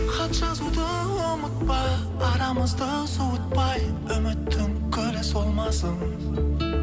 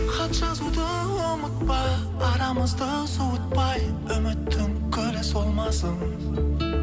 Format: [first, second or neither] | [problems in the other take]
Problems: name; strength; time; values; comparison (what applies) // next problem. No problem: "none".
second | background sound (Wind); 19 dB below the speech